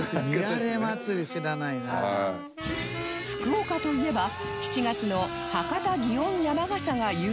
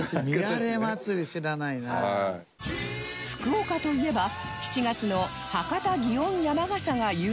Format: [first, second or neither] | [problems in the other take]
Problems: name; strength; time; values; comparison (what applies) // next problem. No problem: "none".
second | background sound (Wind instrument, woodwind instrument); 9 dB below the speech